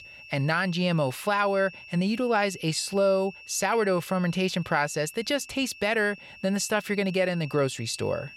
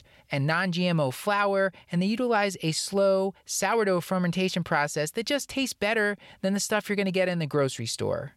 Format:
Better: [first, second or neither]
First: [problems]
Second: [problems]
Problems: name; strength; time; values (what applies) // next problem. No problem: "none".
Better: second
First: high-pitched whine; noticeable; throughout; 2.5 kHz, 20 dB below the speech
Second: none